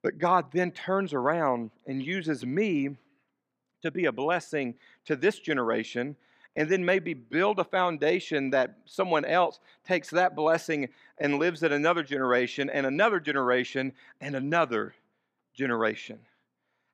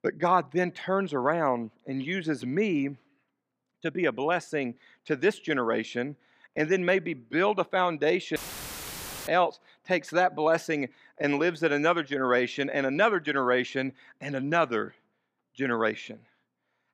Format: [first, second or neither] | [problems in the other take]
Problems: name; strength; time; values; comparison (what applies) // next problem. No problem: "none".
first | audio cutting out; filled with static; at 8.5 s for 1 s